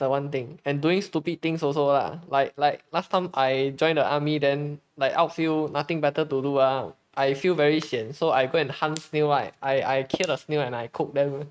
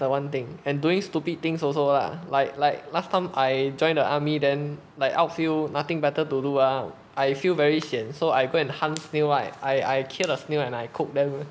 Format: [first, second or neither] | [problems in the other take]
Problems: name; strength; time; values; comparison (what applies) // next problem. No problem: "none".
second | noise reduction (neural mask model RNNoise)